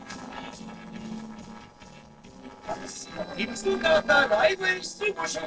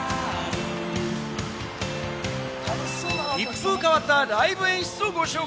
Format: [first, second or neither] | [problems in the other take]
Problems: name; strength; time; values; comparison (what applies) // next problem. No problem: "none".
second | noise reduction (neural separator model SepFormer DNS4)